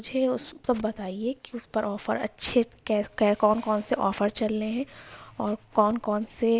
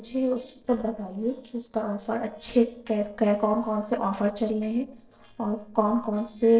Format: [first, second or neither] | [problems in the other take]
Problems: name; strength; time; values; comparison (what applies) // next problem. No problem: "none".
first | noise reduction (neural separator model SepFormer DNS4)